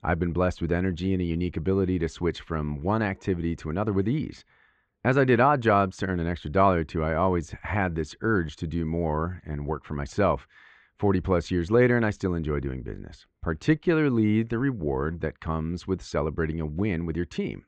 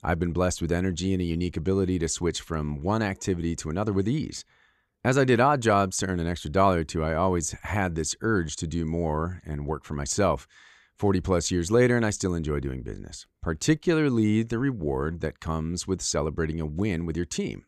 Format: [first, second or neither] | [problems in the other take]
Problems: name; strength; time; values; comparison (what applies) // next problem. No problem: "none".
second | muffled; very; fading above 2.5 kHz